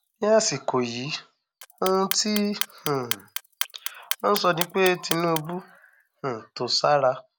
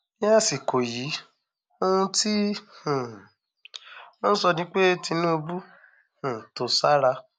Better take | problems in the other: second | background sound (Clock); 10 dB below the speech

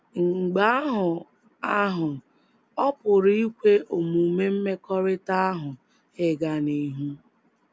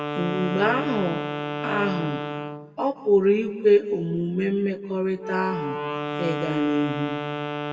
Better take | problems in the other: first | background sound (Wind instrument, woodwind instrument); 6 dB below the speech // room echo; dies away in 1.3 s

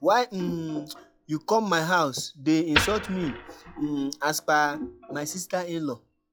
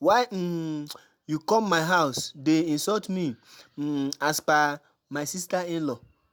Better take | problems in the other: second | noise reduction (classical method log-MMSE)

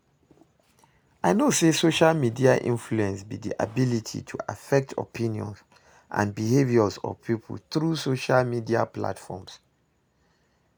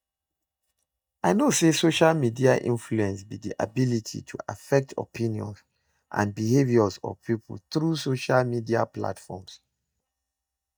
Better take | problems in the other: first | noise reduction (neural mask model DeepFilterNet 3)

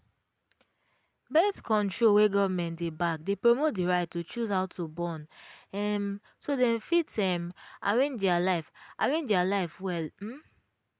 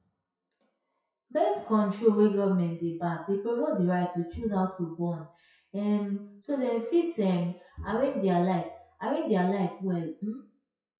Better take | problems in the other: first | noise reduction (classical method WPE with log-MMSE)

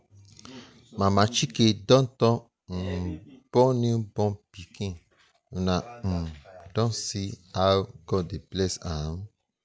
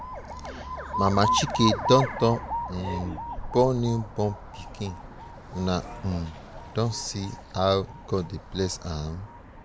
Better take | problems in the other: first | background sound (Alarm); 6 dB below the speech

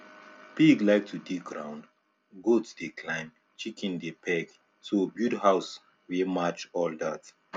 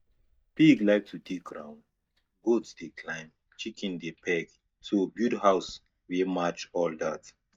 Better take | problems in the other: first | noise reduction (neural mask model DeepFilterNet 3)

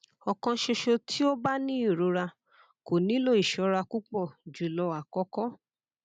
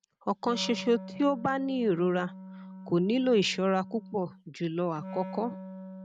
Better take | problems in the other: first | noise reduction (neural mask model RNNoise)

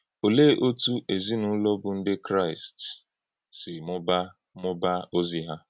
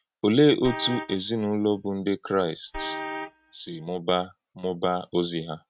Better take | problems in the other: first | noise reduction (neural mask model RNNoise)

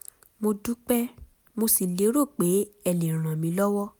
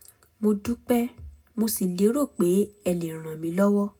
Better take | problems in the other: first | room echo; dies away in 0.2 s

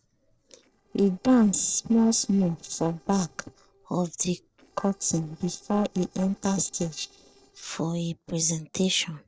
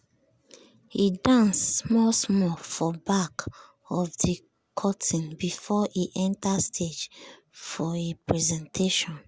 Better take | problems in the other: second | noise reduction (neural separator model SepFormer DNS4)

